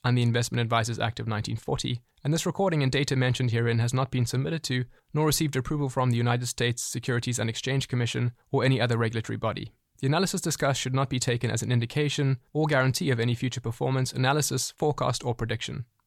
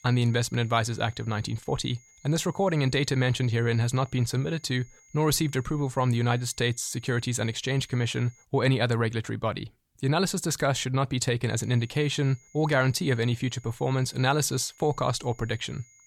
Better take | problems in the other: first | high-pitched whine; faint; until 8.5 s and from 12 s on; 6.5 kHz, 30 dB below the speech

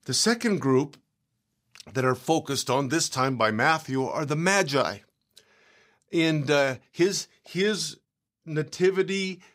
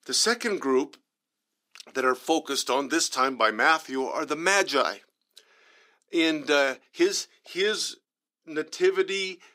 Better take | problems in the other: first | thin; somewhat; fading below 300 Hz

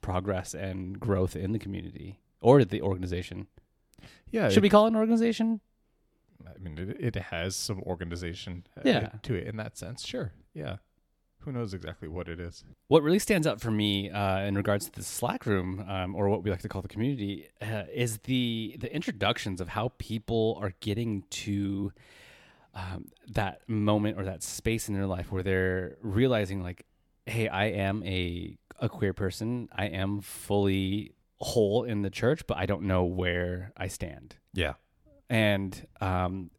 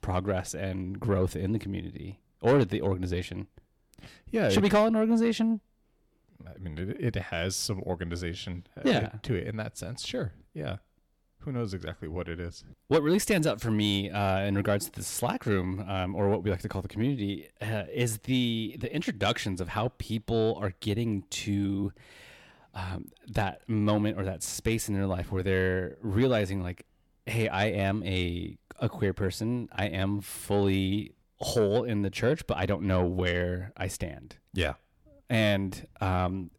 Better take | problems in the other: first | distortion; slight; 10 dB below the speech

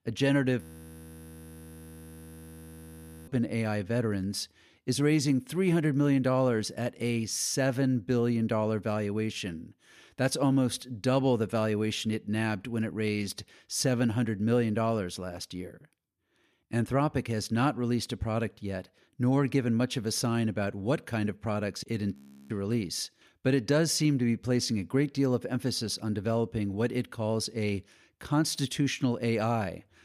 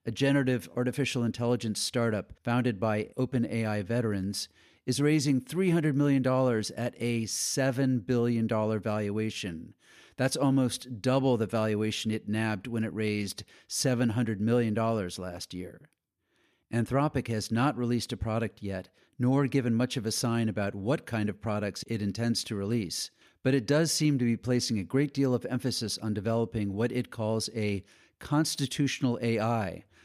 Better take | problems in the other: second | audio freezing; at 0.5 s for 2.5 s and at 22 s

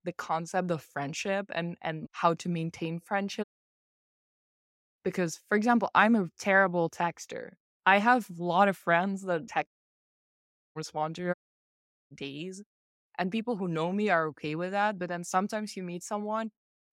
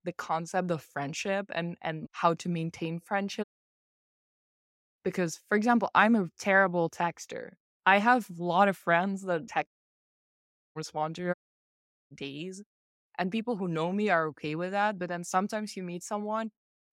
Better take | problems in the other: neither | audio cutting out; at 3.5 s for 1 s, at 9.5 s for 1 s and at 11 s for 1 s; the same in both

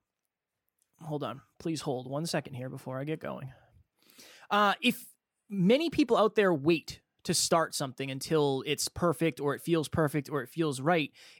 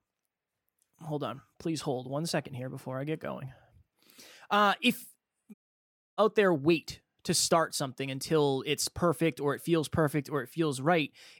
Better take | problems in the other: first | audio cutting out; at 5.5 s for 0.5 s

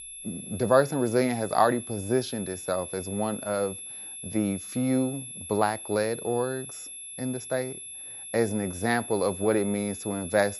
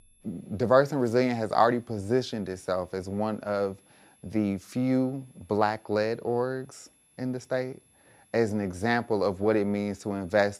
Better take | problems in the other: second | high-pitched whine; loud; throughout; 11 kHz, 10 dB below the speech; faint in the second

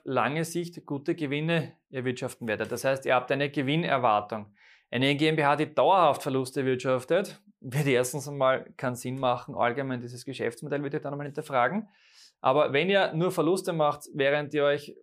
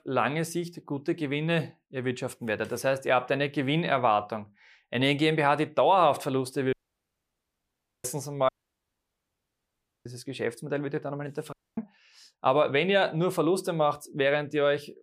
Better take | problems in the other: first | audio cutting out; at 6.5 s for 1.5 s, at 8.5 s for 1.5 s and at 12 s

